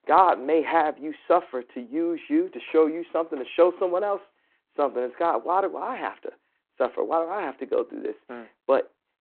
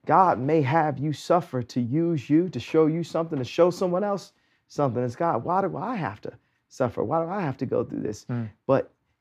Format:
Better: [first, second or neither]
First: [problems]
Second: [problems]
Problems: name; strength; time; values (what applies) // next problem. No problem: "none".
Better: second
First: phone-call audio; nothing above 4 kHz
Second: none